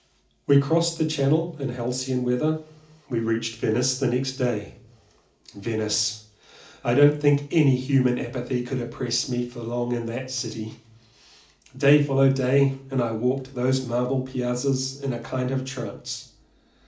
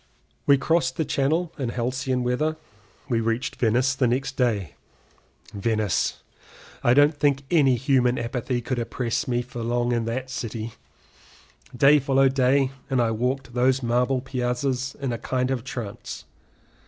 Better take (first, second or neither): second